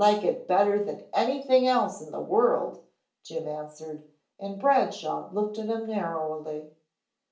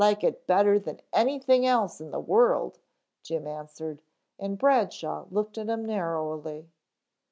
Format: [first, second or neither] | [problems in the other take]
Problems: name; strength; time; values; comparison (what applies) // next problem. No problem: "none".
second | room echo; dies away in 0.4 s